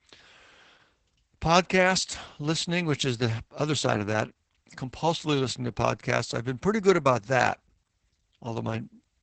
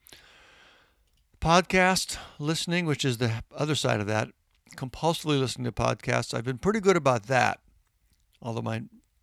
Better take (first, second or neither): second